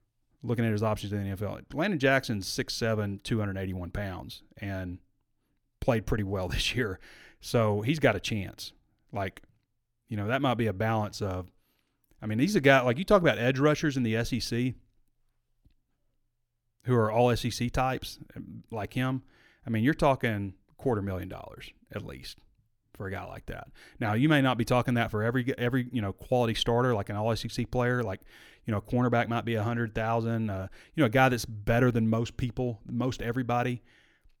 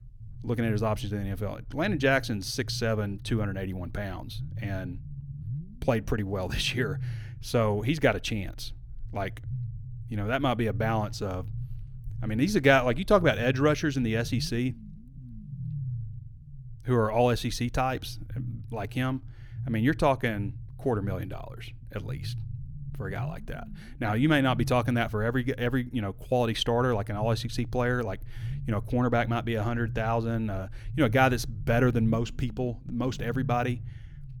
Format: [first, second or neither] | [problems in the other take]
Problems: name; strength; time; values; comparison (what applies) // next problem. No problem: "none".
first | low rumble; faint; throughout; 25 dB below the speech